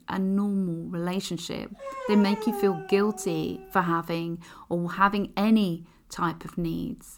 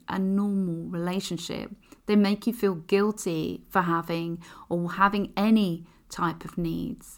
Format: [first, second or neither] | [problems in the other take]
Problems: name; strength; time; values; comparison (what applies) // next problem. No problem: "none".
second | dog barking; noticeable; from 2 to 4 s; peak 6 dB below the speech